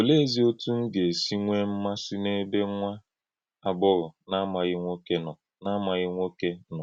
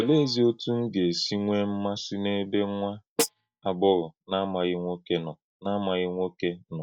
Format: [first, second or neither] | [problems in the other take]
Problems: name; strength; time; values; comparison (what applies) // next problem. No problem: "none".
first | noise reduction (neural mask model DeepFilterNet 3)